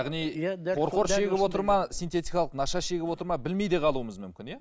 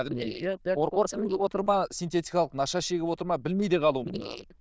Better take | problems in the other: first | noise reduction (neural diffusion model UNIVERSE++)

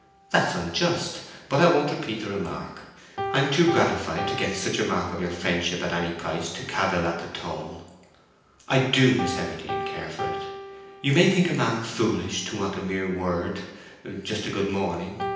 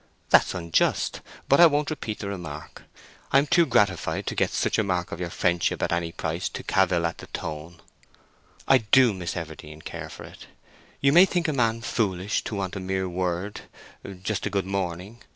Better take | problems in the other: second | background sound (Piano); 12 dB below the speech // room echo; dies away in 0.9 s

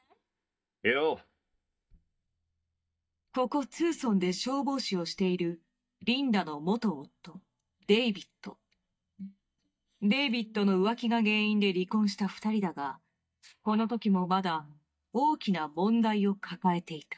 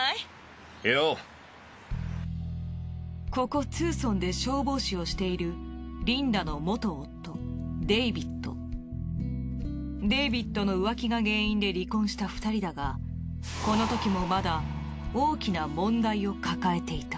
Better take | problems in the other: second | noise reduction (neural mask model DeepFilterNet 3)

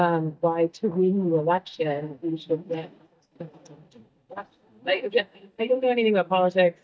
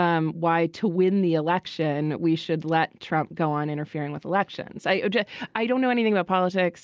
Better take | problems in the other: second | noise reduction (neural mask model DeepFilterNet 3)

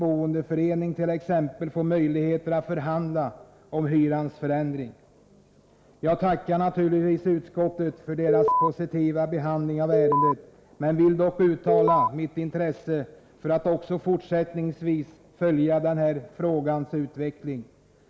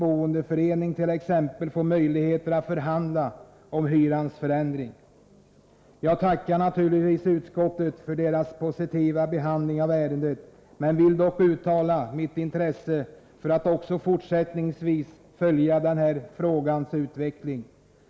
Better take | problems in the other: second | background sound (Alarm); 5 dB above the speech

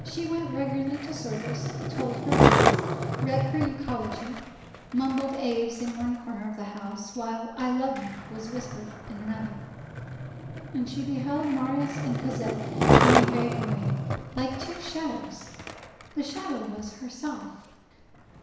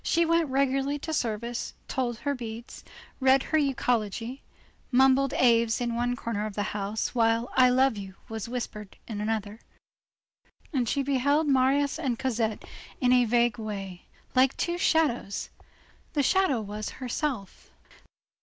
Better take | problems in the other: second | background sound (Skateboard); 3 dB above the speech // room echo; dies away in 1 s

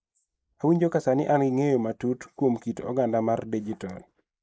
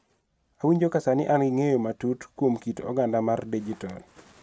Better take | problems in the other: second | noise reduction (neural mask model Resemble Enhance denoiser)

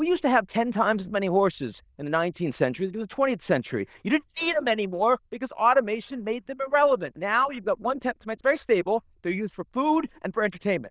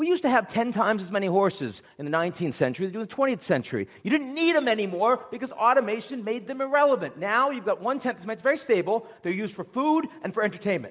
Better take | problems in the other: second | noise reduction (neural diffusion model UNIVERSE++)

